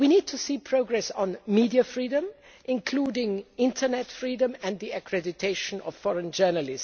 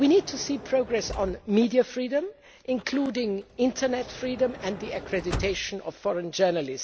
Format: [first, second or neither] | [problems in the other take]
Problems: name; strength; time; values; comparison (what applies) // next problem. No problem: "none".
first | background sound (Sliding door / Motor vehicle (road)); 14 dB below the speech